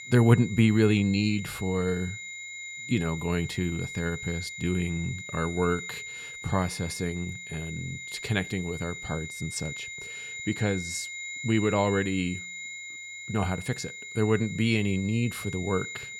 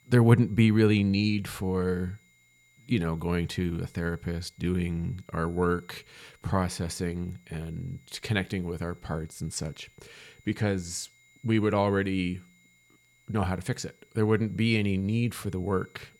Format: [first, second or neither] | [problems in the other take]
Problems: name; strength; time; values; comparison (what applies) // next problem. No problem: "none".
second | high-pitched whine; loud; throughout; 2 kHz, 9 dB below the speech; faint in the second